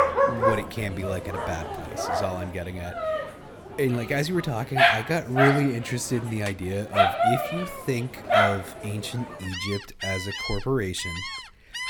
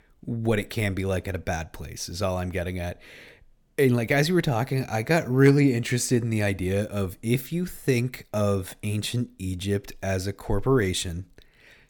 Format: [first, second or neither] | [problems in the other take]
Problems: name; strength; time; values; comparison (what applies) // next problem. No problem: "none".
second | animal sounds; very loud; throughout; 3 dB above the speech